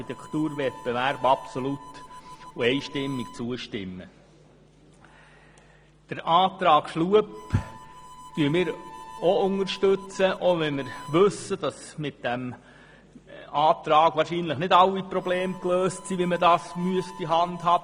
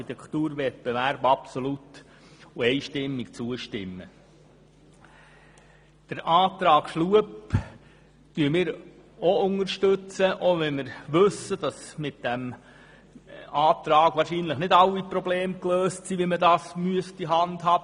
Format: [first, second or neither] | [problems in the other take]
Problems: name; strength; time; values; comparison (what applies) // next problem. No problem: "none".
second | background sound (Harmonica); 20 dB below the speech